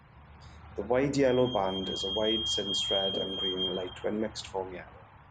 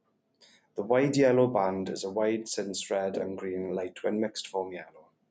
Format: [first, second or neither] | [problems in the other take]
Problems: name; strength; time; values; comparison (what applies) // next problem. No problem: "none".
second | background sound (Squeak / Vehicle); 5 dB below the speech